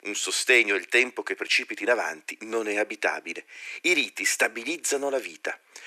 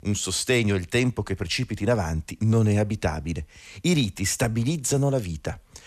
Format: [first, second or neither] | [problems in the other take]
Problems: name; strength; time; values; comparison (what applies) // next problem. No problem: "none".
second | thin; very; fading below 300 Hz